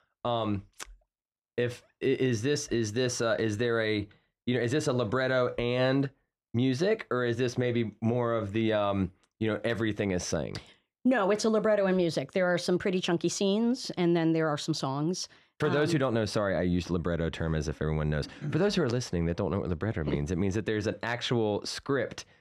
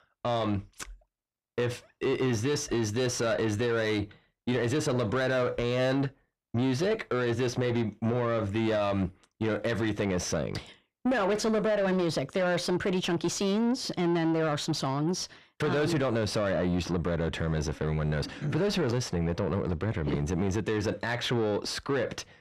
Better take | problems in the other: first | distortion; slight; 10 dB below the speech

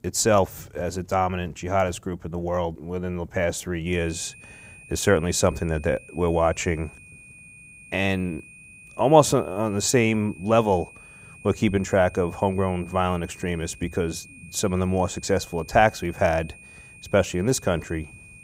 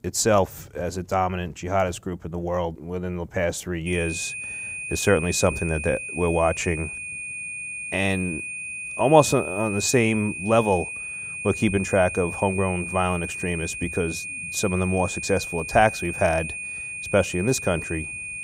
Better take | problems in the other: first | high-pitched whine; loud; from 4 s on; 2.5 kHz, 6 dB below the speech; faint in the first

